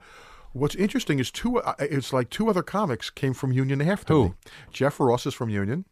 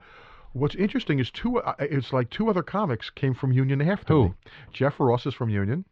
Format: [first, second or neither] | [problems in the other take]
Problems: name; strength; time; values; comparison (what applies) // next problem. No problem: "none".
first | muffled; slightly; fading above 4 kHz